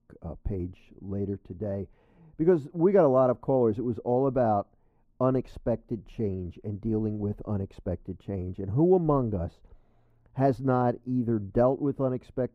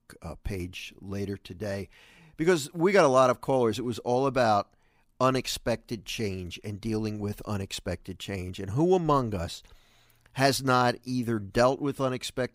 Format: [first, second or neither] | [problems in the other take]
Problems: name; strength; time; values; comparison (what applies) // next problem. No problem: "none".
second | muffled; very; fading above 1.5 kHz